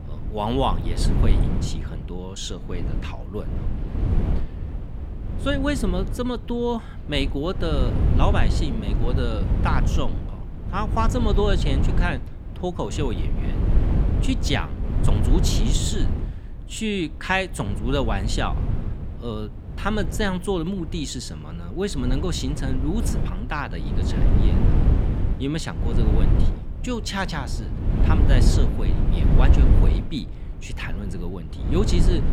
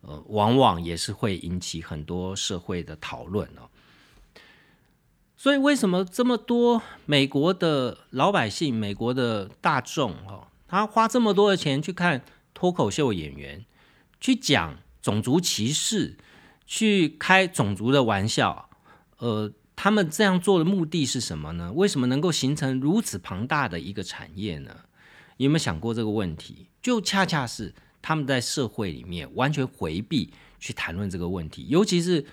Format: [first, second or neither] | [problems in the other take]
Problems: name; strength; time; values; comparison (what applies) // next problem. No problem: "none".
second | wind noise on the microphone; heavy; 7 dB below the speech